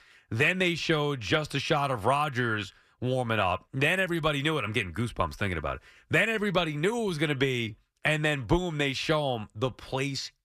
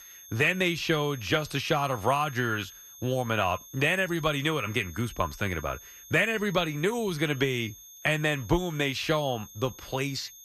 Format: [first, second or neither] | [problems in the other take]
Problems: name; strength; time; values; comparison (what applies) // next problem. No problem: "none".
first | high-pitched whine; noticeable; throughout; 6.5 kHz, 20 dB below the speech